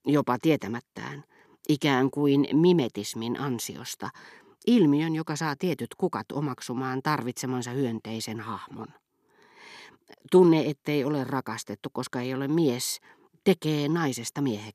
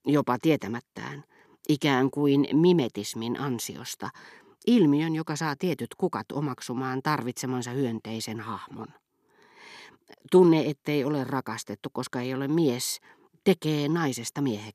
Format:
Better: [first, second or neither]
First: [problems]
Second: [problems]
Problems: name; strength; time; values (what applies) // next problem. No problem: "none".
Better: neither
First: none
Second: none